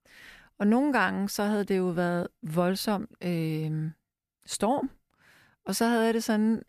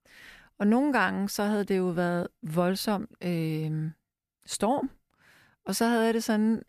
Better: neither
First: none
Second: none

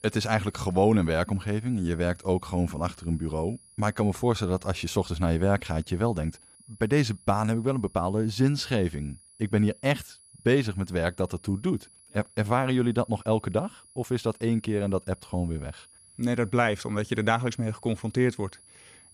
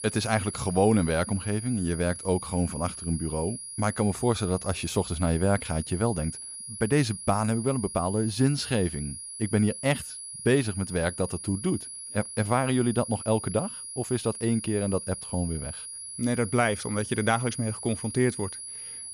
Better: first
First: high-pitched whine; faint; throughout; 10.5 kHz, 25 dB below the speech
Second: high-pitched whine; loud; throughout; 10.5 kHz, 9 dB below the speech

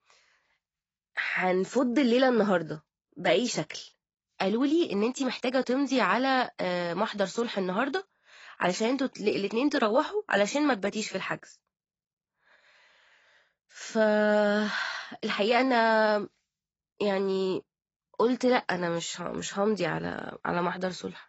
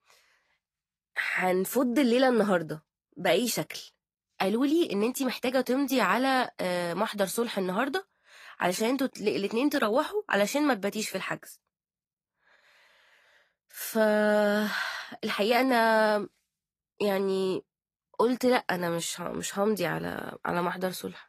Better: second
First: garbled, watery; badly; nothing above 7.5 kHz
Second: garbled, watery; slightly; nothing above 15 kHz

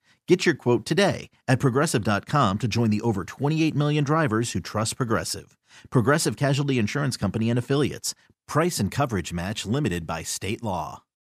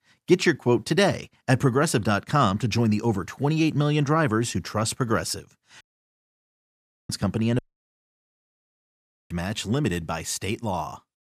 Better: first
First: none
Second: audio cutting out; at 6 s for 1.5 s and at 7.5 s for 1.5 s

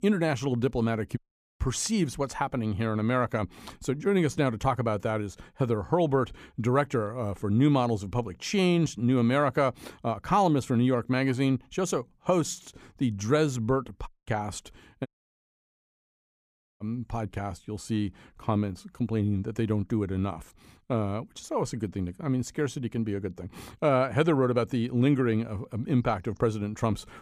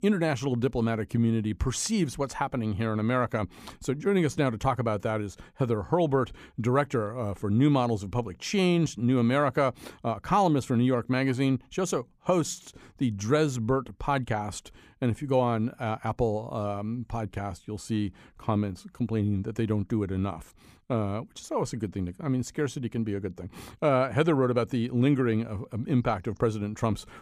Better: second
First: audio cutting out; at 1 s, at 14 s and at 15 s for 1.5 s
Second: none

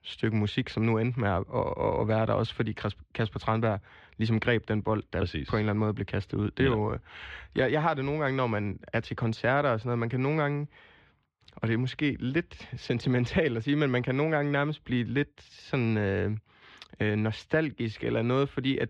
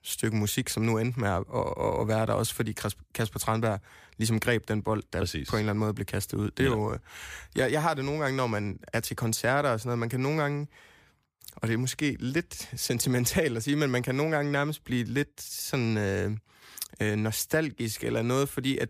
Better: second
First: muffled; slightly; fading above 3.5 kHz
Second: none

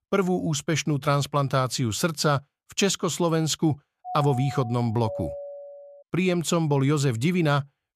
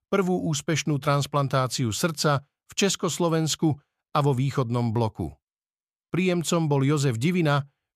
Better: second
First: doorbell; noticeable; from 4 to 6 s; peak 8 dB below the speech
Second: none

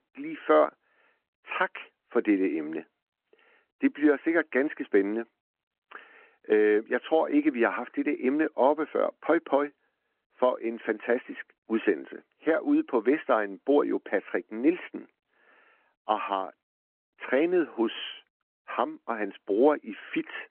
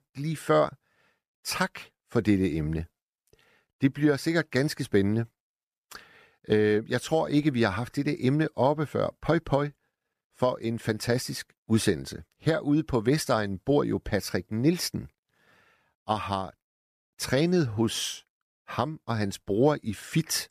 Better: second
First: phone-call audio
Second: none

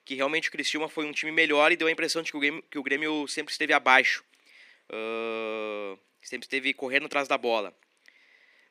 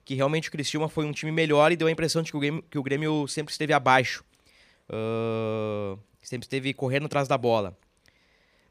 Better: second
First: thin; very slightly; fading below 250 Hz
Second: none

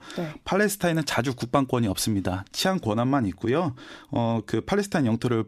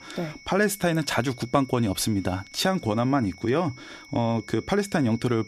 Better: first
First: none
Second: high-pitched whine; faint; throughout; 2 kHz, 20 dB below the speech

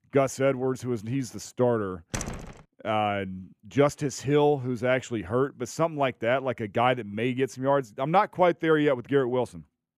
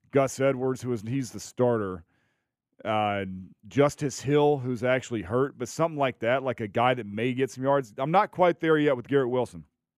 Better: second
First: door banging; noticeable; at 2 s; peak 8 dB below the speech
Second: none

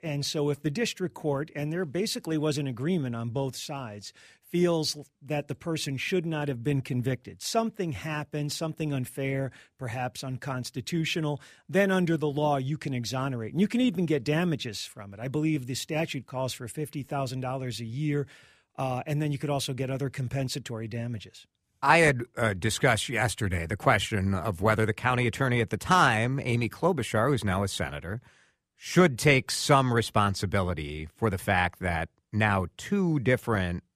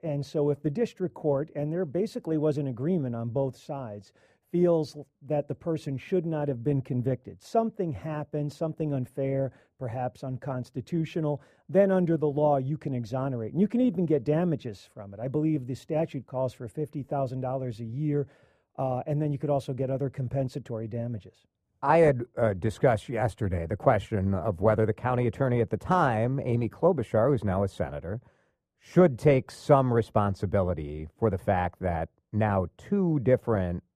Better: first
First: none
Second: muffled; very; fading above 1.5 kHz

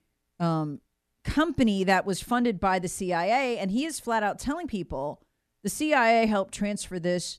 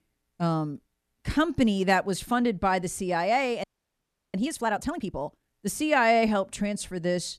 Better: first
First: none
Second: audio freezing; at 3.5 s for 0.5 s

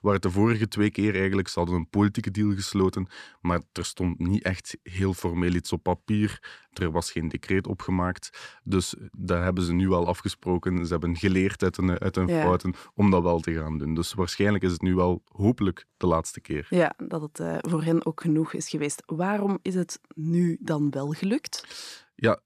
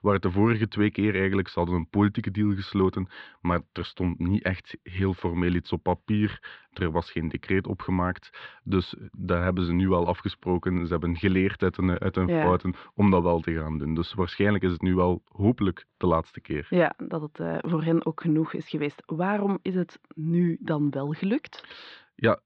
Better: first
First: none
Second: muffled; slightly; fading above 3.5 kHz

